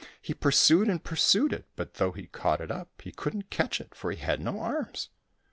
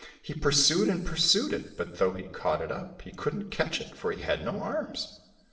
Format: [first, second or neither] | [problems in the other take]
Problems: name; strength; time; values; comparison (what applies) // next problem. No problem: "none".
first | room echo; dies away in 0.9 s